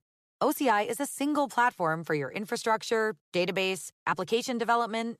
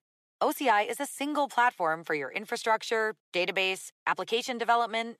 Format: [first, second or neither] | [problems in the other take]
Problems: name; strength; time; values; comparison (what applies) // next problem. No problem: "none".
first | thin; very slightly; fading below 250 Hz